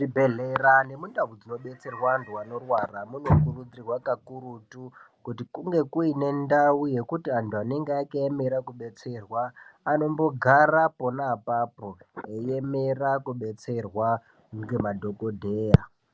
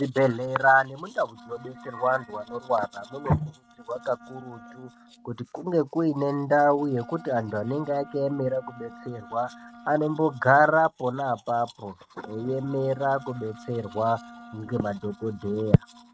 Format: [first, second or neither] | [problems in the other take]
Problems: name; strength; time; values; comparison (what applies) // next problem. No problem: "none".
first | noise reduction (neural mask model RNNoise)